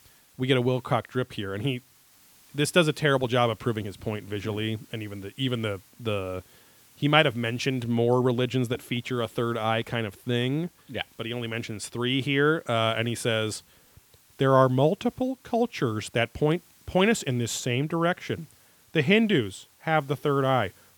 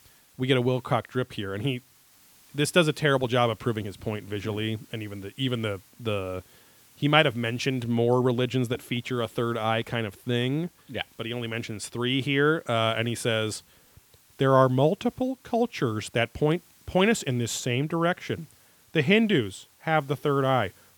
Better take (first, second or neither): neither